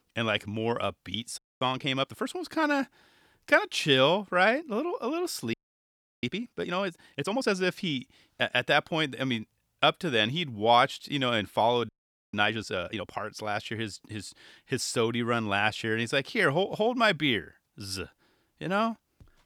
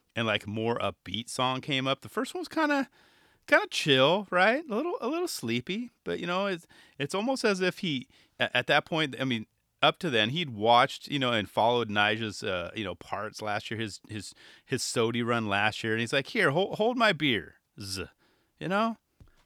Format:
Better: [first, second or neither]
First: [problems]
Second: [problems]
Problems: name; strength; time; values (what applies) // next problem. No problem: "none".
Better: second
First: audio freezing; at 1.5 s, at 5.5 s for 0.5 s and at 12 s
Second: none